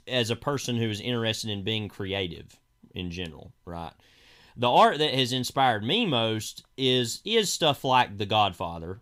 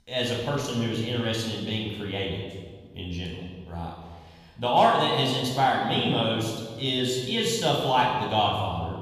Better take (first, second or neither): first